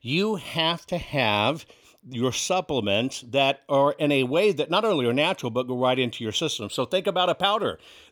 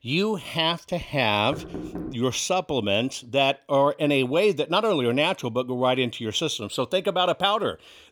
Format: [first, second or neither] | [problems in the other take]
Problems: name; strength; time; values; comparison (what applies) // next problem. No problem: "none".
first | door banging; faint; at 1.5 s; peak 10 dB below the speech